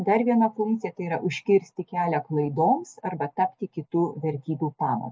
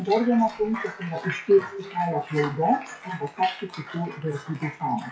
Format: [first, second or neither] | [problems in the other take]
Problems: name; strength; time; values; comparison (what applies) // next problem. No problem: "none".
first | noise reduction (classical method WPE with log-MMSE)